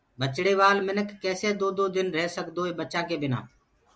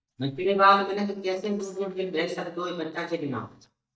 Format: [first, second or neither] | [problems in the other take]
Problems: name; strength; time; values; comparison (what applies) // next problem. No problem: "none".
first | noise reduction (neural mask model DeepFilterNet 3)